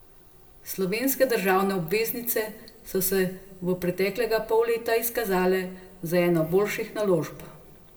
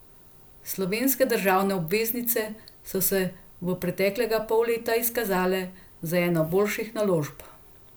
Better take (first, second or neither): second